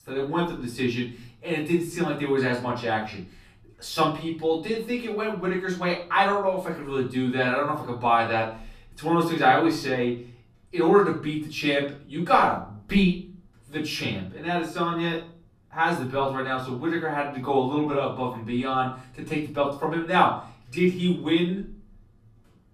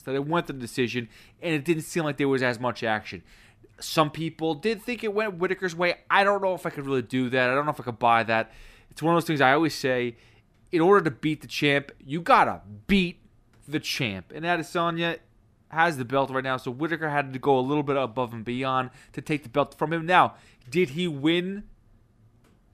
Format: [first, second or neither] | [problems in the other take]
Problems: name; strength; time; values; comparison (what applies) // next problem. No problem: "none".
second | off-mic speech; far // room echo; slight; dies away in 0.4 s